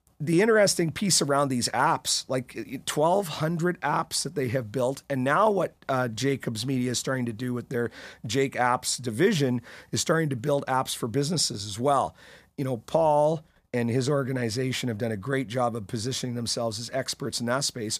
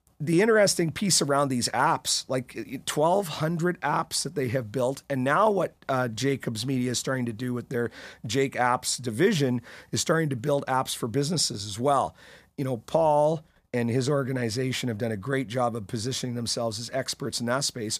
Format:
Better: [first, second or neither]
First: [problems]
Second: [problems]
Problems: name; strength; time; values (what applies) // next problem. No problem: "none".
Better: neither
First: none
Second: none